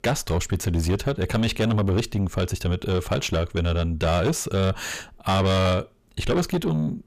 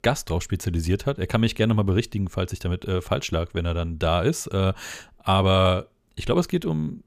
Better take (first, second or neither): second